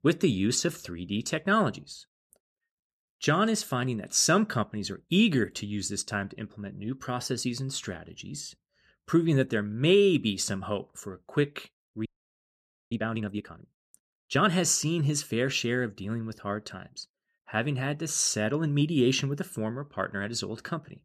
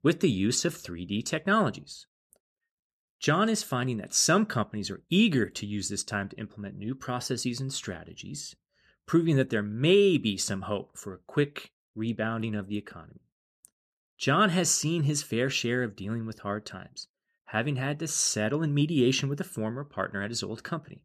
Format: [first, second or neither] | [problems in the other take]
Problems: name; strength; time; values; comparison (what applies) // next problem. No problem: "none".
second | audio freezing; at 12 s for 1 s